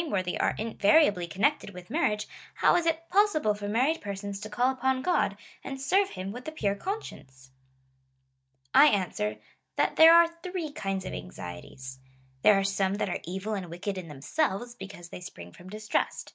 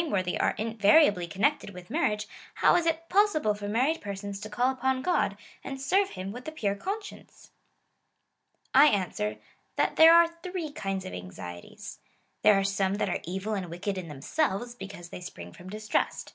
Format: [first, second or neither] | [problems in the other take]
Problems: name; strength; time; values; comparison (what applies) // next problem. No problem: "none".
second | noise reduction (neural mask model DeepFilterNet 3)